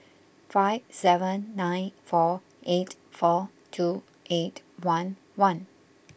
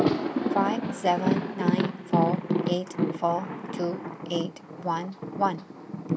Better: first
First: none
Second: background sound (Thunder); 2 dB above the speech

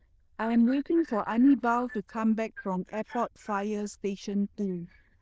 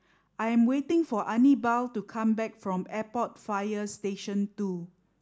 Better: second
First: noise reduction (neural diffusion model UNIVERSE++)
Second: none

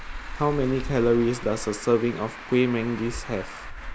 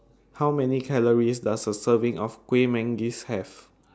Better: second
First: background sound (Traffic noise, roadway noise); 10 dB below the speech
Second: none

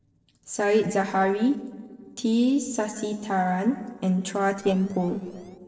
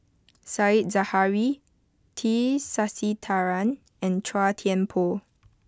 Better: second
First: noise reduction (neural separator model SepFormer DNS4)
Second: none

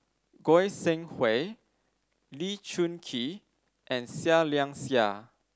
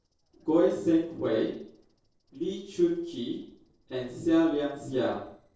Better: first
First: none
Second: noise reduction (neural separator model SepFormer DNS4)

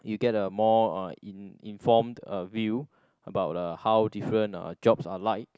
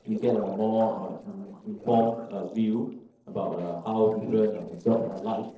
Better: first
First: none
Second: noise reduction (neural separator model SepFormer DNS4)

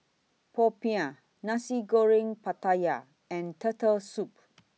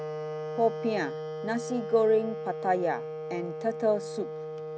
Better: first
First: none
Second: background sound (Wind instrument, woodwind instrument); 6 dB below the speech

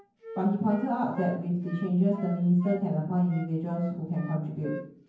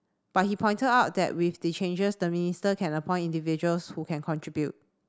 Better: second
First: background sound (Wind instrument, woodwind instrument); 17 dB below the speech // room echo; dies away in 0.9 s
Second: none

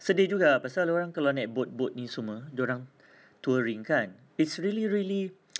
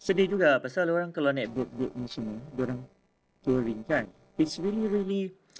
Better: first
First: none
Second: noise reduction (neural separator model SepFormer DNS4)

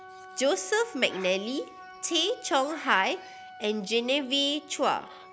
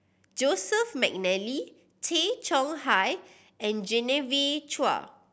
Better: second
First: background sound (Wind instrument, woodwind instrument + Bird); 17 dB below the speech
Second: none

